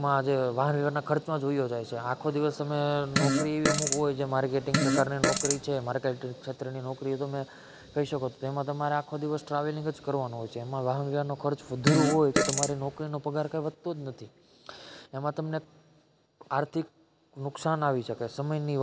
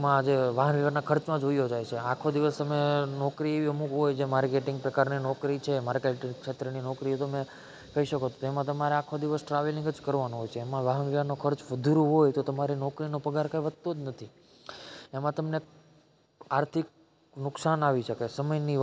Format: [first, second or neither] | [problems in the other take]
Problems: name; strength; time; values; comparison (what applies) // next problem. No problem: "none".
second | background sound (Fart); 1 dB above the speech